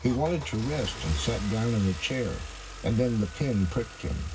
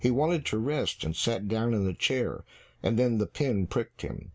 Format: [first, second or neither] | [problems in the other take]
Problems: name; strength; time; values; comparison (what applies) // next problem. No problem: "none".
second | background sound (Engine starting / Car); 12 dB below the speech // room echo; dies away in 0.4 s